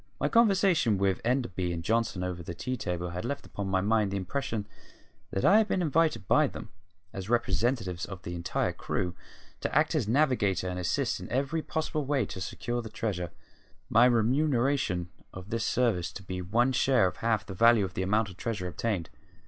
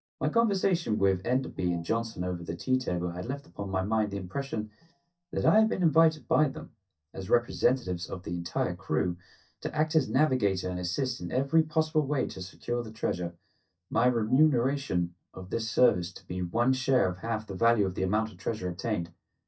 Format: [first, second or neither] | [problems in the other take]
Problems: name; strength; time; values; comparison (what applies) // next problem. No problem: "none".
first | noise reduction (neural mask model DeepFilterNet 3)